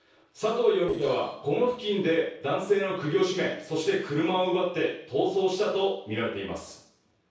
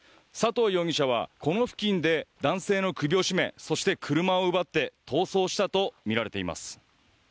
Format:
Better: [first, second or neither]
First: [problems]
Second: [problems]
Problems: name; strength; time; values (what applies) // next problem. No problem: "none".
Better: second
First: noise reduction (neural separator model SepFormer DNS4)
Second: none